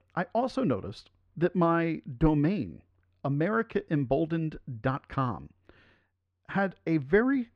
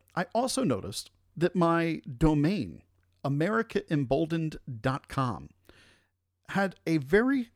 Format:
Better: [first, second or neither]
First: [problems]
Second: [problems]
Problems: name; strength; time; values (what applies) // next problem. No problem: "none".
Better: second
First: muffled; slightly; fading above 2.5 kHz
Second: none